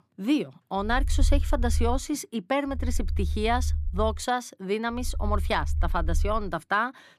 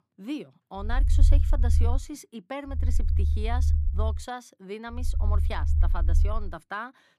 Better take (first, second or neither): first